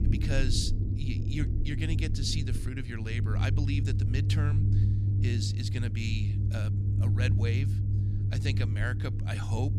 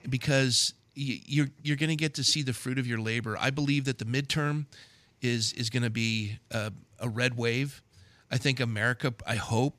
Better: second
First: low rumble; loud; throughout; 5 dB below the speech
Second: none

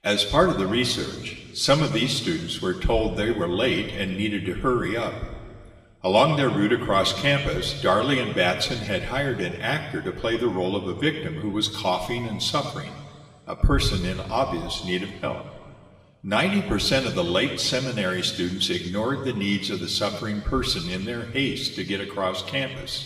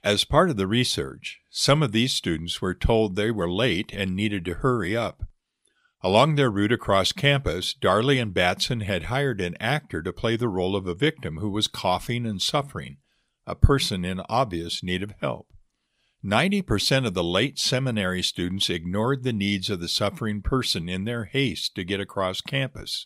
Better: second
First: room echo; slight; dies away in 1.6 s // off-mic speech; somewhat distant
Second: none

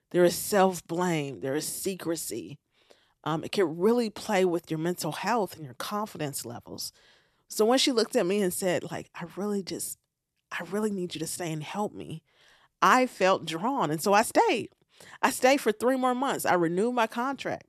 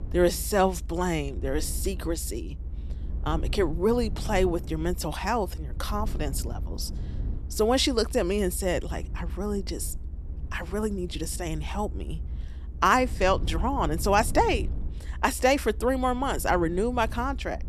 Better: first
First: none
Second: low rumble; faint; throughout; 25 dB below the speech

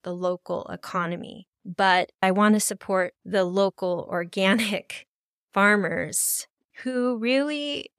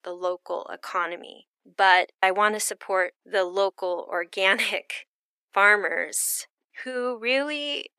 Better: first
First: none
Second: thin; very; fading below 300 Hz

